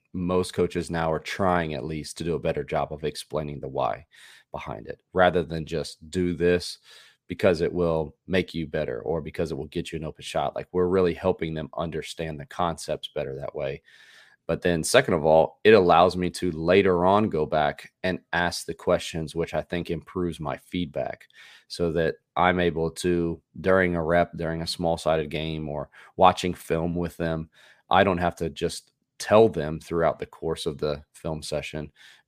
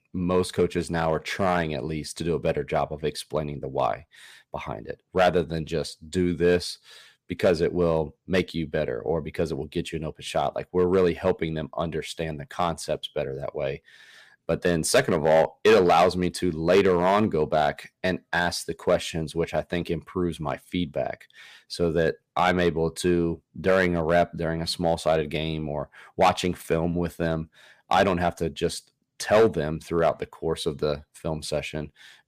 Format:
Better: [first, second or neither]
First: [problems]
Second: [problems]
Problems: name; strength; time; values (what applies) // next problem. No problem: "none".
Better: first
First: none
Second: distortion; slight; 1.5% of the sound clipped